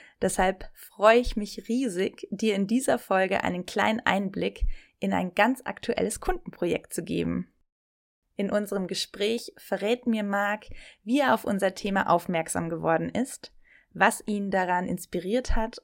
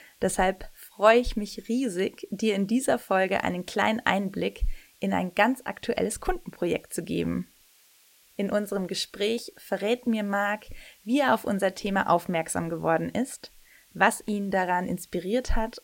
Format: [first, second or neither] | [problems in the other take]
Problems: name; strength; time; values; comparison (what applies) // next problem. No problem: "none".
first | hiss; faint; throughout; 30 dB below the speech